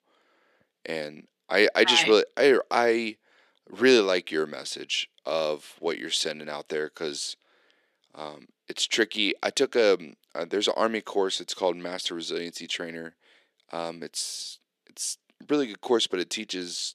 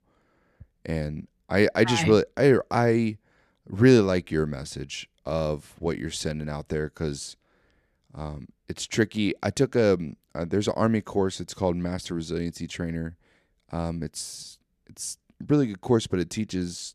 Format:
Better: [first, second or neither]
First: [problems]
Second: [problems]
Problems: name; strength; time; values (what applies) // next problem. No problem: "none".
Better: second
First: thin; somewhat; fading below 350 Hz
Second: none